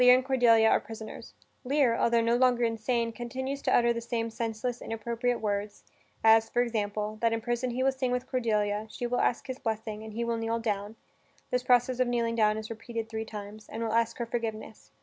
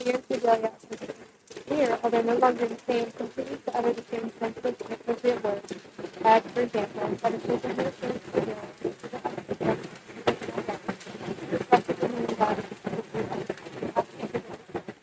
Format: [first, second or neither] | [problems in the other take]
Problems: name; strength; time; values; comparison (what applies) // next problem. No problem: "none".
first | noise reduction (neural mask model RNNoise)